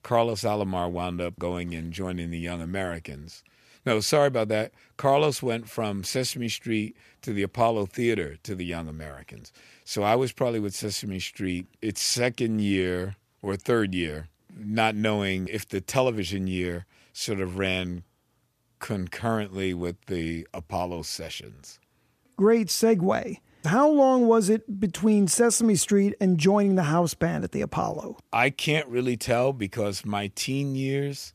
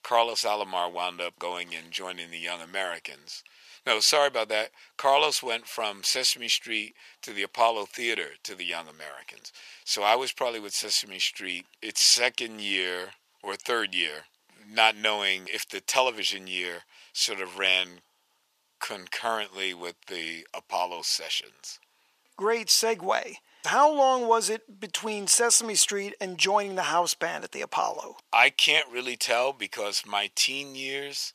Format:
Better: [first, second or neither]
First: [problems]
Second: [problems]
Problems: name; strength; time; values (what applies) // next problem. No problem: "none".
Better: first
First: none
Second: thin; very; fading below 650 Hz